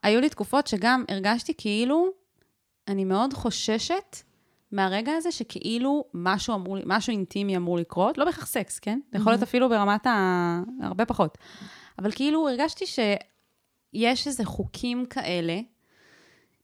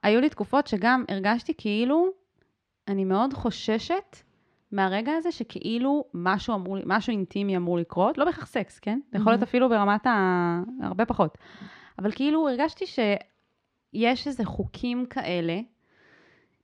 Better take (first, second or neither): first